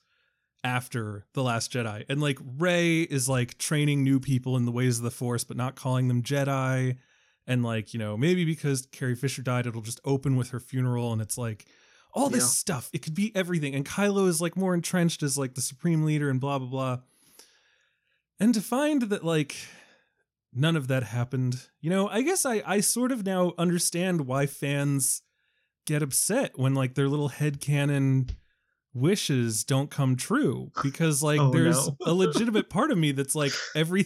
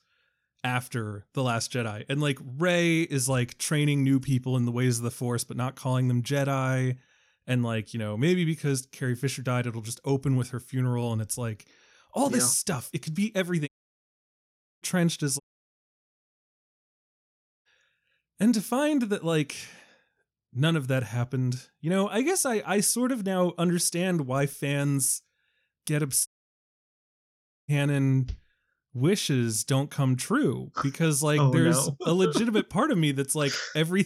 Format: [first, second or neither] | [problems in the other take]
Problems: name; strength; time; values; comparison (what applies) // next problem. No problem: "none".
first | audio cutting out; at 14 s for 1 s, at 15 s for 2 s and at 26 s for 1.5 s